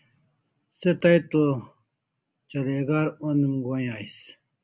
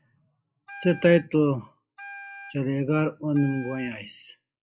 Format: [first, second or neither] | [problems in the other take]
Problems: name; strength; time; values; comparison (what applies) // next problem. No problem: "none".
first | noise reduction (classical method log-MMSE)